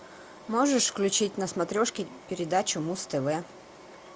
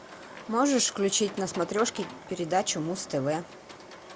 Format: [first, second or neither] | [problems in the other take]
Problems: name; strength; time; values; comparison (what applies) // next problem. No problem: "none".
first | background sound (Livestock, farm animals, working animals); 18 dB below the speech